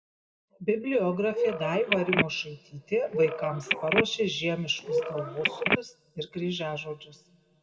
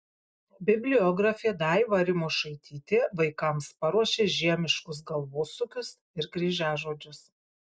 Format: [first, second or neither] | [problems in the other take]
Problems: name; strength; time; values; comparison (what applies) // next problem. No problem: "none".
second | background sound (Telephone); 2 dB above the speech // room echo; dies away in 1.2 s